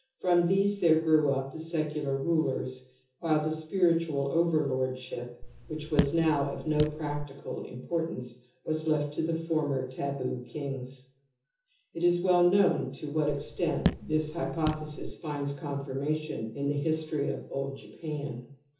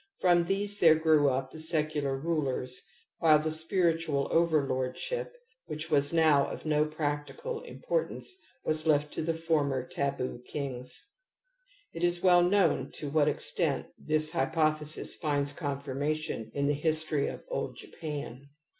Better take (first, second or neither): second